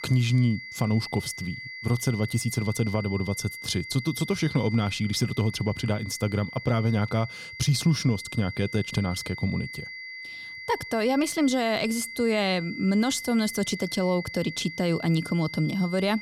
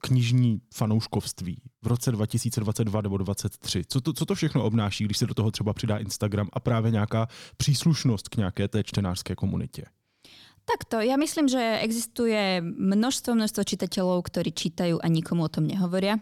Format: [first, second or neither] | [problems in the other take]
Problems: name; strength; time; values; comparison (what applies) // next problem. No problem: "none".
second | high-pitched whine; noticeable; throughout; 2 kHz, 10 dB below the speech